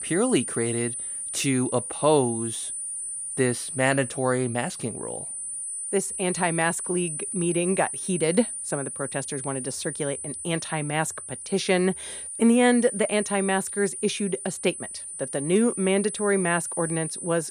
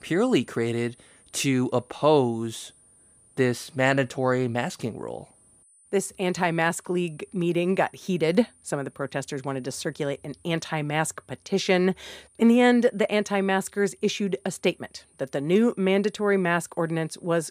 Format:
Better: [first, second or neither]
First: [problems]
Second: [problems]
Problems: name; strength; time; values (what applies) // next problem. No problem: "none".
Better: second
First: high-pitched whine; loud; throughout; 9.5 kHz, 5 dB below the speech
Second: high-pitched whine; faint; throughout; 9.5 kHz, 30 dB below the speech